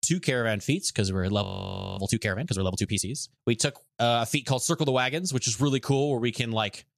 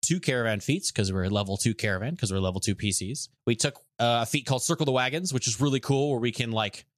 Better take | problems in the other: second | audio freezing; at 1.5 s for 0.5 s

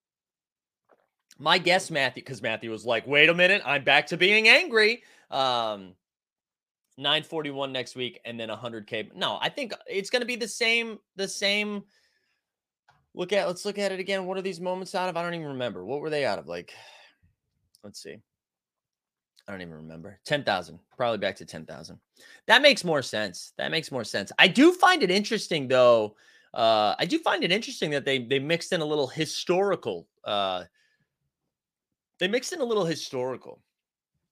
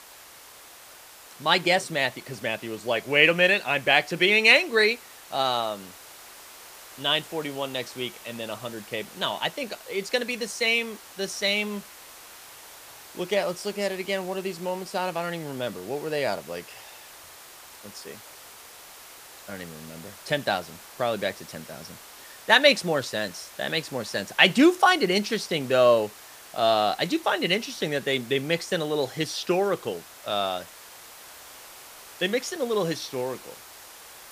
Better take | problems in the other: first | hiss; noticeable; throughout; 20 dB below the speech

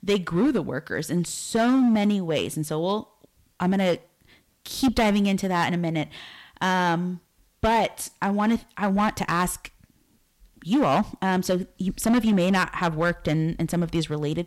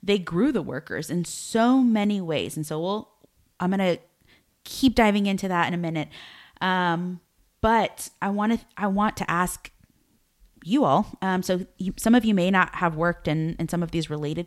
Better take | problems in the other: second | distortion; slight; 7% of the sound clipped

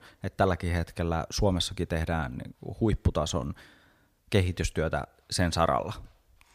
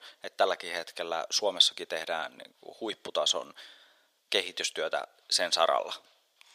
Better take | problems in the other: first | thin; very; fading below 450 Hz

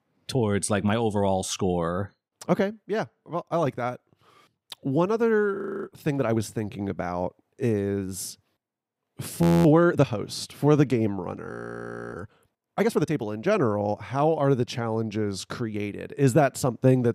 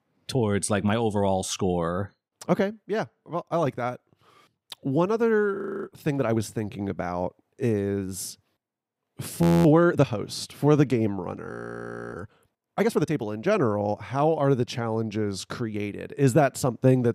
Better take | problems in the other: neither | audio freezing; at 5.5 s, at 9.5 s and at 12 s for 0.5 s; the same in both

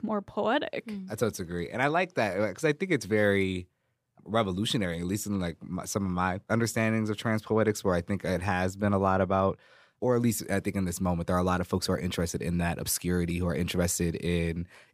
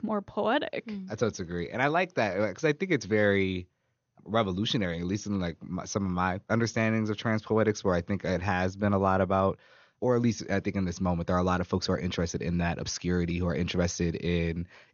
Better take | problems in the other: first | garbled, watery; slightly; nothing above 6.5 kHz

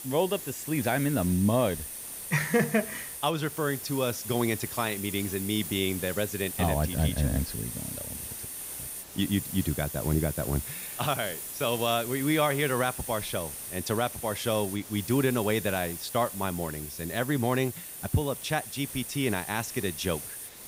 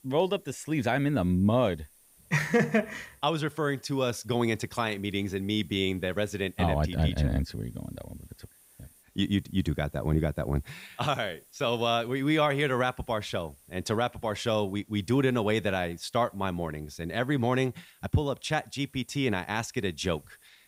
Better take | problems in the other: second | hiss; loud; throughout; 7 dB below the speech; faint in the second

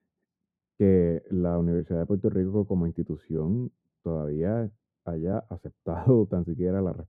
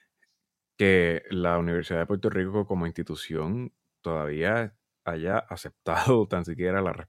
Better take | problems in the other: second | muffled; very; fading above 1 kHz

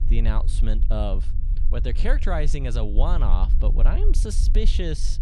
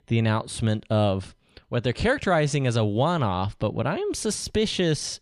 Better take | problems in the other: second | low rumble; noticeable; throughout; 15 dB below the speech

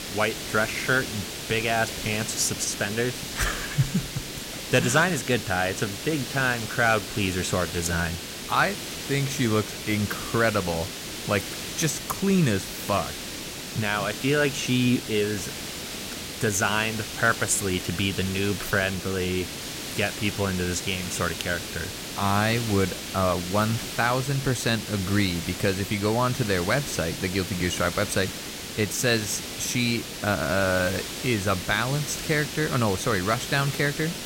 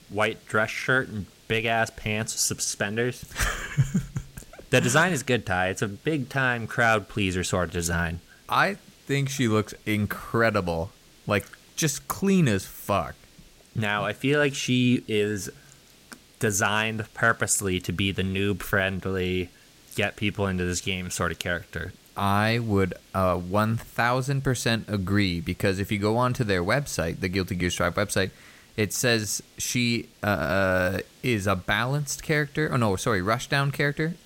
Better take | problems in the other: second | hiss; loud; throughout; 7 dB below the speech; faint in the second

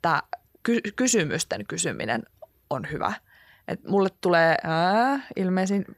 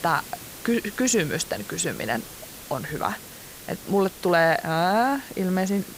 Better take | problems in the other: first | hiss; noticeable; throughout; 15 dB below the speech

